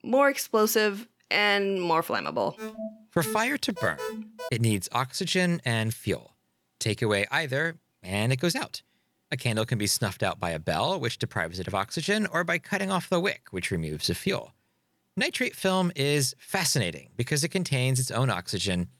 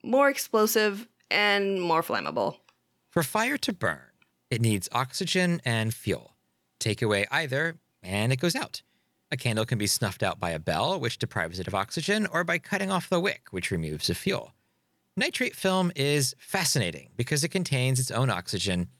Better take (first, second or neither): second